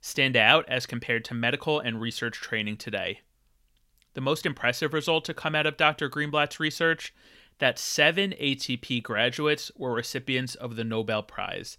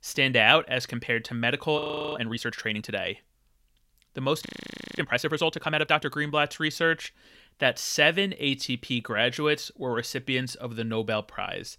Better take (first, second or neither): first